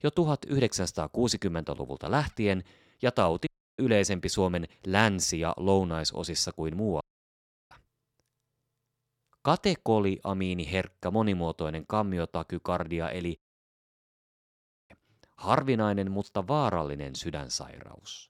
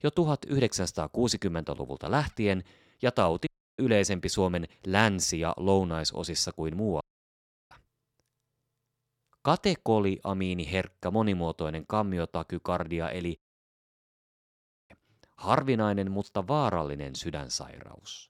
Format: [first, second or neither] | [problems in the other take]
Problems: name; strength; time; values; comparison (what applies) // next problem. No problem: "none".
neither | audio cutting out; at 3.5 s, at 7 s for 0.5 s and at 13 s for 1.5 s; the same in both